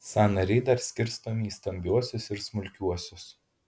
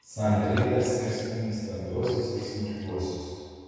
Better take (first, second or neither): first